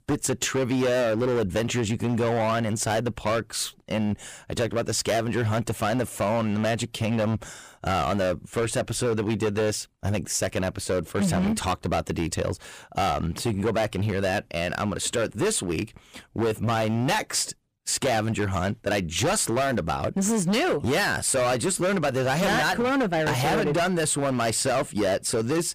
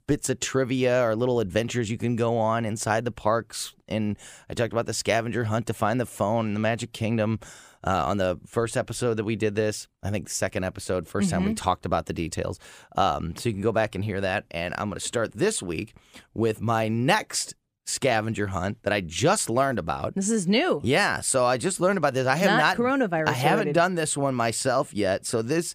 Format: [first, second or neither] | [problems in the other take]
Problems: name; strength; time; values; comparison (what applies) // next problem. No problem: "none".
second | distortion; heavy; 19% of the sound clipped